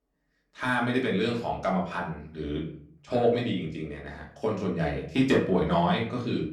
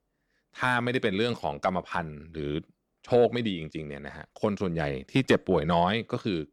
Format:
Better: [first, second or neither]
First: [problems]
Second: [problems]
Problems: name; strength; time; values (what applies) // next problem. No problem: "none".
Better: second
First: room echo; slight; dies away in 0.4 s // off-mic speech; far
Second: none